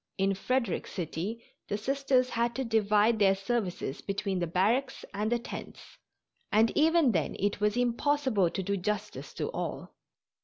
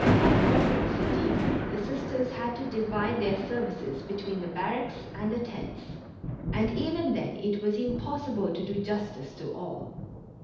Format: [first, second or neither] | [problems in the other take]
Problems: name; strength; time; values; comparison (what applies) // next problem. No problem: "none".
first | background sound (Thunder); 1 dB above the speech // room echo; dies away in 0.8 s